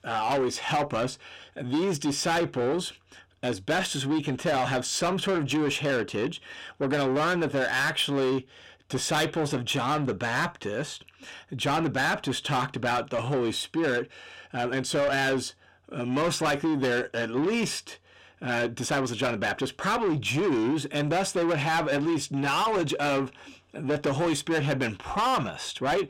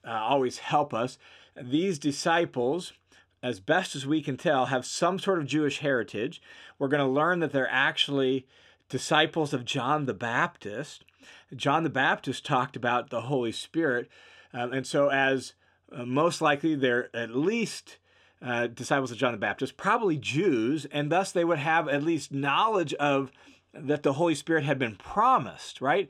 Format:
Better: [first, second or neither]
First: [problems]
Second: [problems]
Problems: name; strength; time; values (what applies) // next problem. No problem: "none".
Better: second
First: distortion; heavy; 7 dB below the speech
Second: none